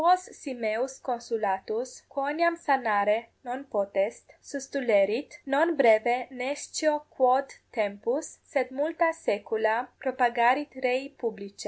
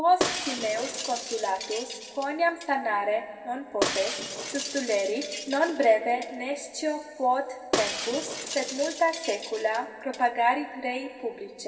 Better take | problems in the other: first | background sound (Shatter); 7 dB below the speech // room echo; dies away in 2.3 s

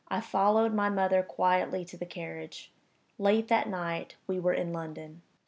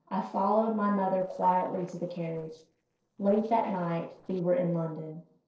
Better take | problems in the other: first | noise reduction (neural separator model SepFormer DNS4)

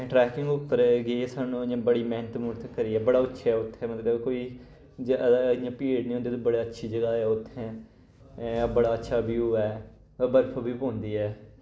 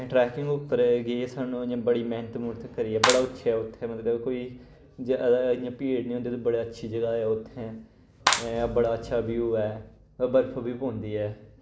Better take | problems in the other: first | background sound (Clapping); 4 dB below the speech

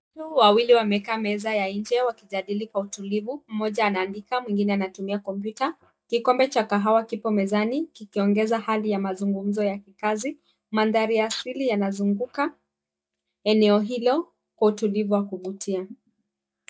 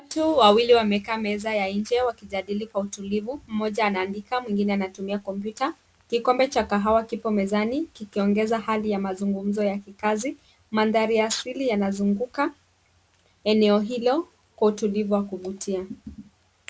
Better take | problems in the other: second | noise reduction (neural mask model DeepFilterNet 3)

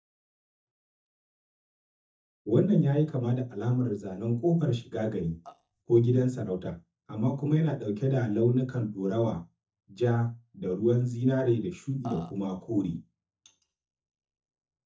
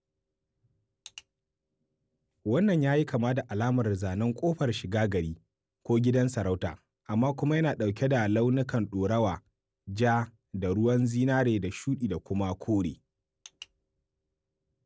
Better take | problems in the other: second | noise reduction (neural mask model DeepFilterNet 3)

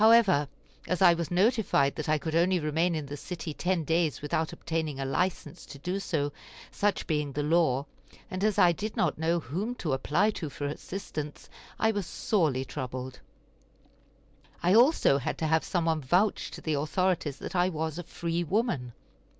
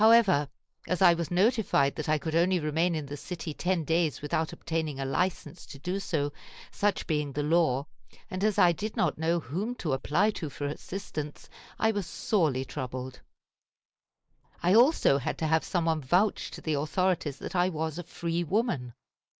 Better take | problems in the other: first | noise reduction (neural mask model Resemble Enhance denoiser)

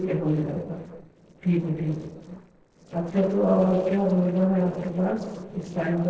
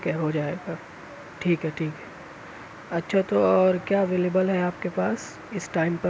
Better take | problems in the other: second | noise reduction (neural separator model SepFormer DNS4)

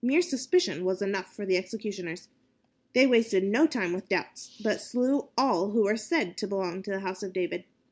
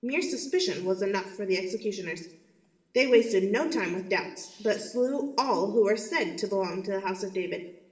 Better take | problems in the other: first | room echo; dies away in 0.9 s

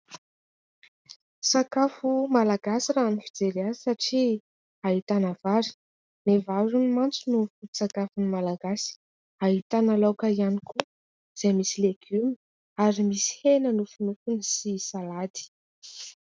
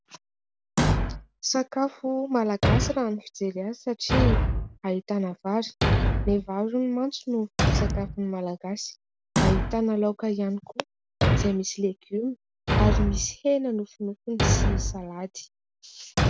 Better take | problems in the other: first | background sound (Thump, thud); 2 dB above the speech

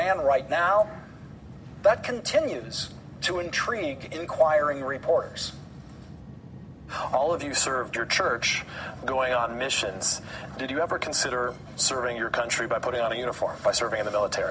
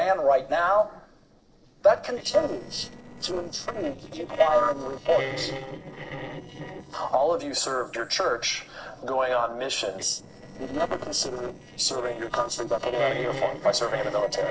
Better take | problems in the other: first | noise reduction (neural separator model SepFormer DNS4)

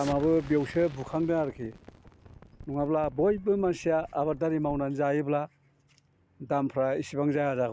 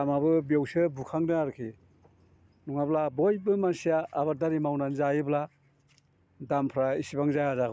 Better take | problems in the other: second | background sound (Explosion); 20 dB below the speech

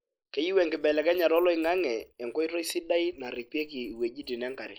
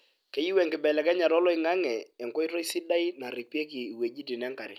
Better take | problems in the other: second | noise reduction (neural mask model Resemble Enhance denoiser)

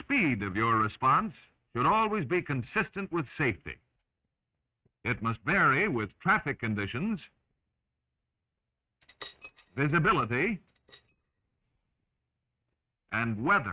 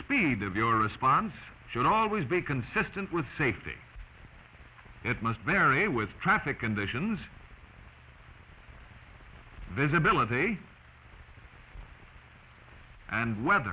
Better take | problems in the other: second | noise reduction (neural mask model RNNoise)

